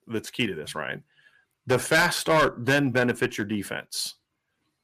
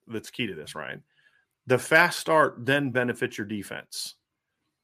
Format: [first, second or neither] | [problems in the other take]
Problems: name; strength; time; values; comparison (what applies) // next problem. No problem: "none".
second | distortion; heavy; 5% of the sound clipped